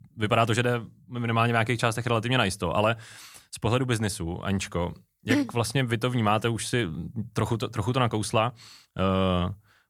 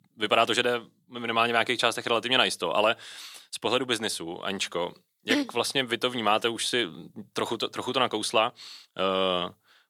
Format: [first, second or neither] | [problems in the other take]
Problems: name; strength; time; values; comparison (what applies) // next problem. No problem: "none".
first | thin; somewhat; fading below 350 Hz